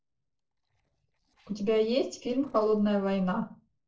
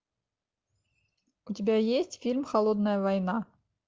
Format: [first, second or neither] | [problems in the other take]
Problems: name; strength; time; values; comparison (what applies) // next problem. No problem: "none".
second | noise reduction (neural separator model SepFormer DNS4)